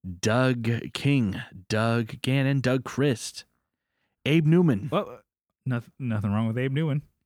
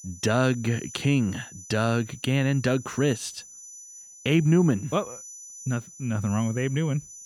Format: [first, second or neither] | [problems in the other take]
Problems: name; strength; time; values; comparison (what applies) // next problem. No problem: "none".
first | high-pitched whine; noticeable; throughout; 6 kHz, 15 dB below the speech